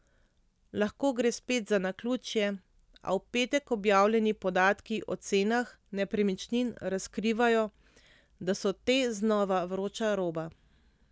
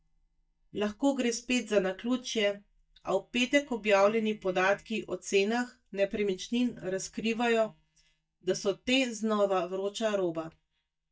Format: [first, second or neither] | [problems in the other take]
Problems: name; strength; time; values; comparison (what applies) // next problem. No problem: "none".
first | noise reduction (neural mask model DeepFilterNet 3)